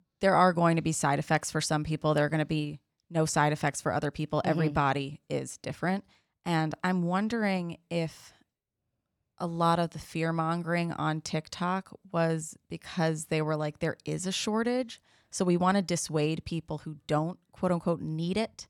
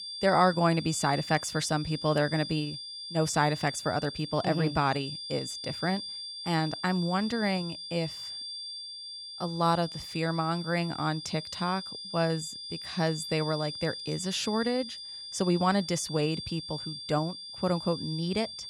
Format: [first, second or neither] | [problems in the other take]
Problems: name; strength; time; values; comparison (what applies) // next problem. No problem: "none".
first | high-pitched whine; loud; throughout; 4.5 kHz, 8 dB below the speech